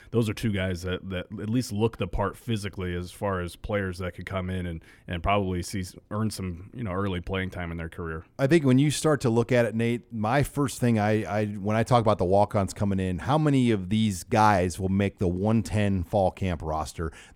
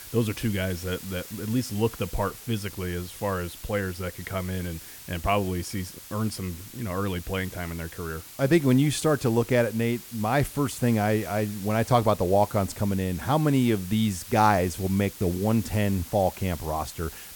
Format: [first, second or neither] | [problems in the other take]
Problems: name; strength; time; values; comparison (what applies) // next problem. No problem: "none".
first | hiss; noticeable; throughout; 15 dB below the speech